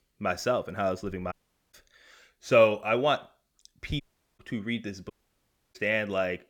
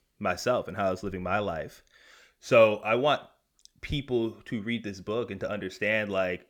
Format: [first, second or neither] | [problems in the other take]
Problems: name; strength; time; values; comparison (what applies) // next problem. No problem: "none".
second | audio cutting out; at 1.5 s, at 4 s and at 5 s for 0.5 s